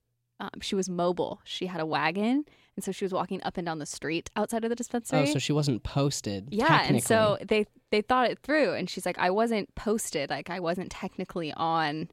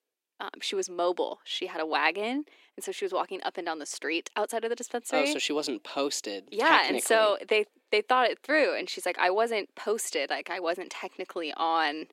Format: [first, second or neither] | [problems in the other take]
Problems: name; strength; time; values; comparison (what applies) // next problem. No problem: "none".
first | thin; somewhat; fading below 300 Hz